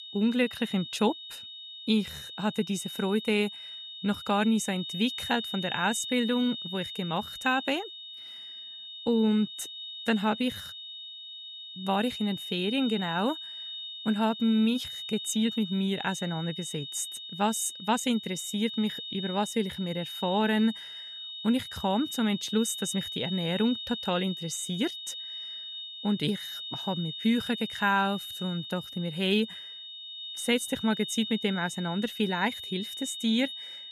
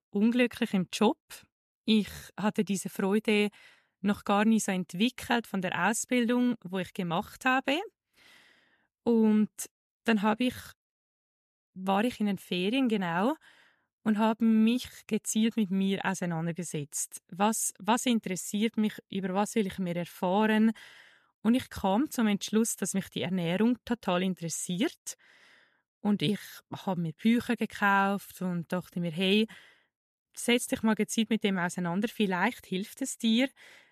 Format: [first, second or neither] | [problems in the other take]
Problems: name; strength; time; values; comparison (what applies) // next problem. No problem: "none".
second | high-pitched whine; loud; throughout; 3.5 kHz, 8 dB below the speech